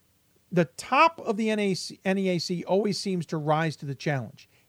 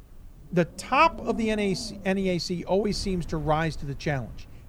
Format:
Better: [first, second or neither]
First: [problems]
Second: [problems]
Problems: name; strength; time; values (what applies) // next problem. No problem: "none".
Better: first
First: none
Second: wind noise on the microphone; occasional gusts; 20 dB below the speech